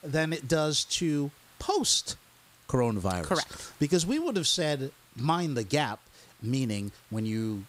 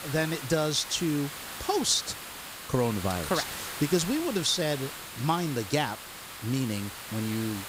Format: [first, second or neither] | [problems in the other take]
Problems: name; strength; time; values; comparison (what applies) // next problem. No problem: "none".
first | hiss; loud; throughout; 9 dB below the speech; faint in the first